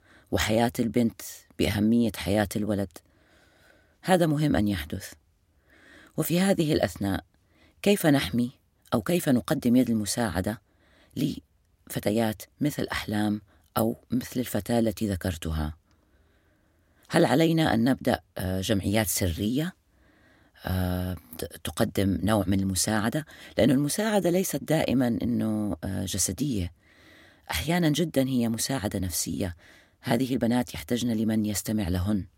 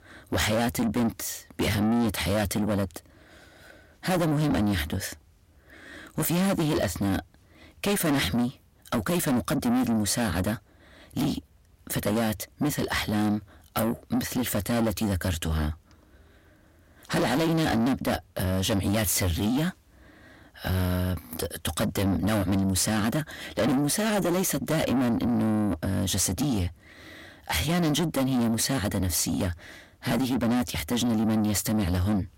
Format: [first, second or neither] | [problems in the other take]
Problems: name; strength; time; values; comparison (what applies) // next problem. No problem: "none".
first | distortion; heavy; 6 dB below the speech